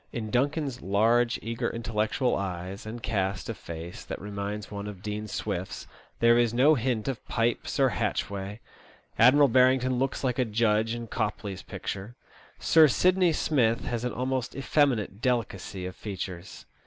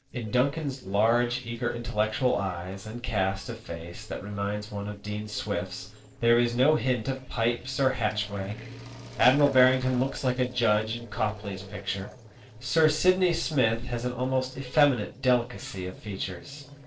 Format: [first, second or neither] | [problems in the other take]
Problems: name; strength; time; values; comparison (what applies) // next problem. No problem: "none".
first | noise reduction (neural separator model SepFormer DNS4)